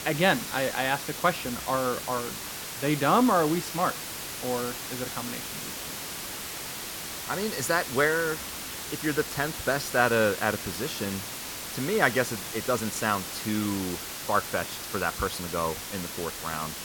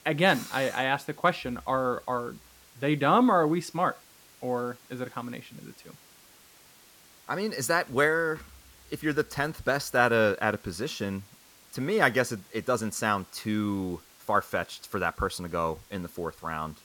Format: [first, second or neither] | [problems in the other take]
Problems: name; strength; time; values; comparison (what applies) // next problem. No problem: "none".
second | hiss; loud; throughout; 6 dB below the speech; faint in the second